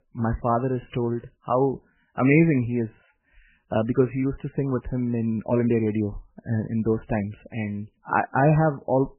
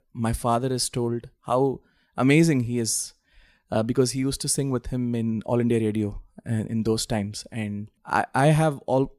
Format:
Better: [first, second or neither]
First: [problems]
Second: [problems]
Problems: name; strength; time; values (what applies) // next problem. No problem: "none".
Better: second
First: garbled, watery; badly; nothing above 2.5 kHz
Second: none